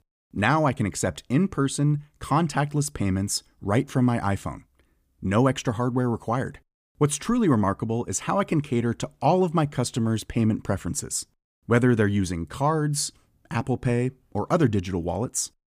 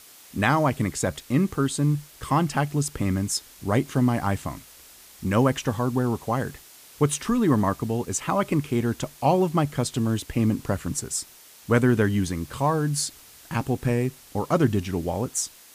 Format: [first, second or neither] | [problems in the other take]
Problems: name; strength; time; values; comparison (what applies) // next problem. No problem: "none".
first | hiss; faint; throughout; 20 dB below the speech